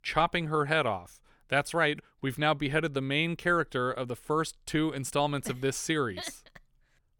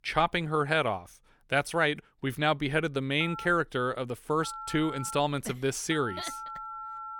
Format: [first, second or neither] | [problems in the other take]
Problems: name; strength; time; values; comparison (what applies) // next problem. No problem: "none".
first | phone ringing; noticeable; from 3 s on; peak 10 dB below the speech